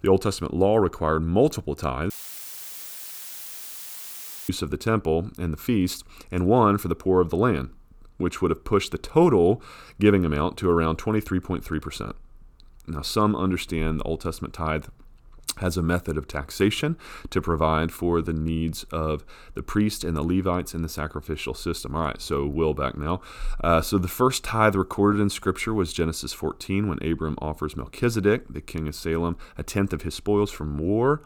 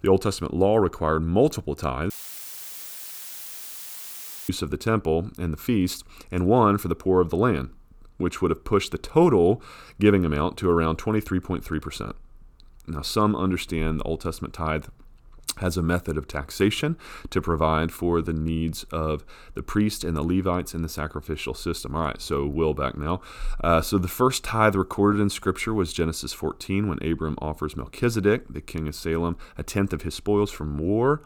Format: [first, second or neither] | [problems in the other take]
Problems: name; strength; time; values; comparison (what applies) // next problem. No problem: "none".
neither | audio cutting out; filled with static; at 2 s for 2.5 s; the same in both